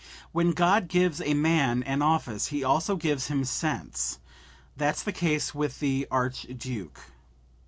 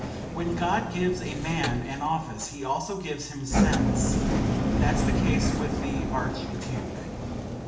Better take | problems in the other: first | background sound (Engine); 4 dB above the speech // room echo; dies away in 0.8 s

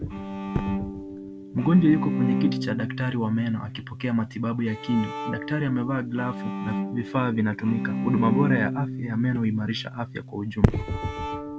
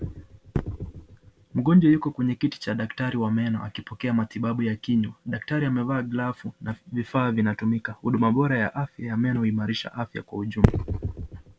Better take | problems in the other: second | background sound (Bowed string instrument); 5 dB below the speech

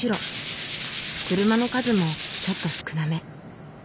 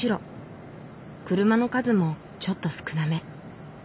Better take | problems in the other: second | background sound (Tools); 7 dB below the speech

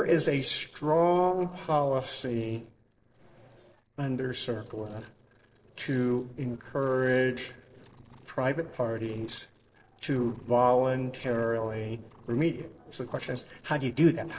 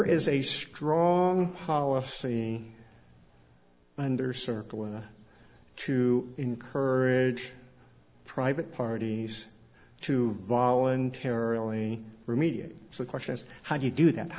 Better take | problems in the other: second | noise reduction (neural separator model SepFormer DNS4)

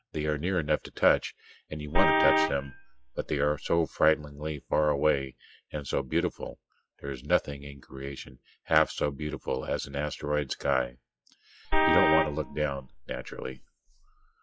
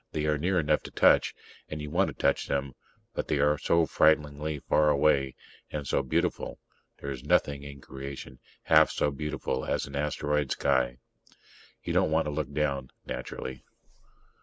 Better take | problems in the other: second | noise reduction (classical method log-MMSE)

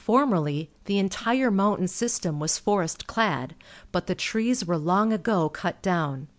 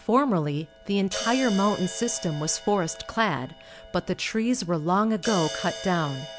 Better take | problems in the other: first | background sound (Crash cymbal); 13 dB below the speech

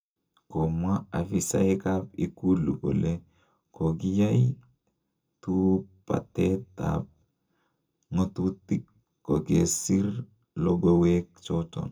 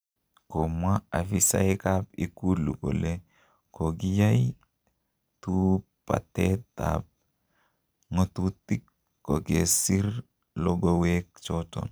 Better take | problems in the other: second | room echo; dies away in 0.2 s

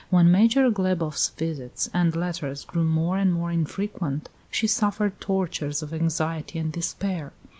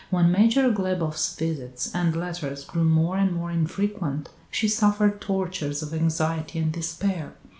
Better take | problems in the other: first | room echo; dies away in 0.4 s

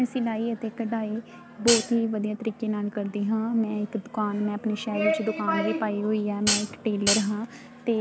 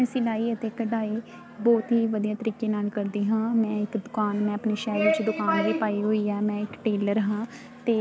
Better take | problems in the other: second | background sound (Hi-hat); as loud as the speech

